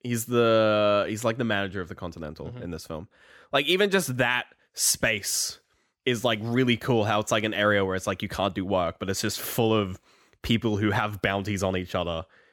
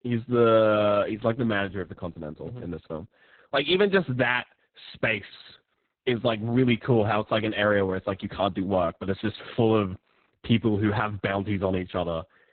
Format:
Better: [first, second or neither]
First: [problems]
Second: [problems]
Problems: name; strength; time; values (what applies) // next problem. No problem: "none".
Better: first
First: none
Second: garbled, watery; badly; nothing above 3.5 kHz